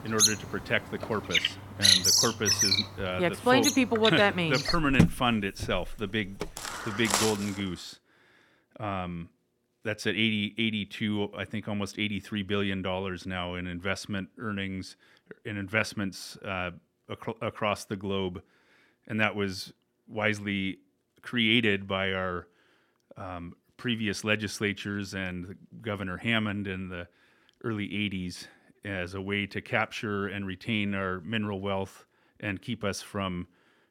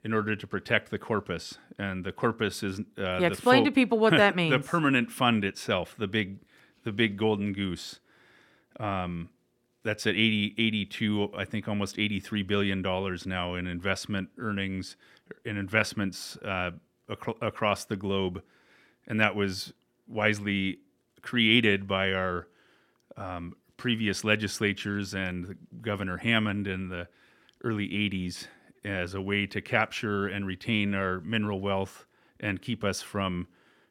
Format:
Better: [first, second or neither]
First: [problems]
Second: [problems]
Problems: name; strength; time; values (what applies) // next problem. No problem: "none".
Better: second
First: animal sounds; very loud; until 7.5 s; 5 dB above the speech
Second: none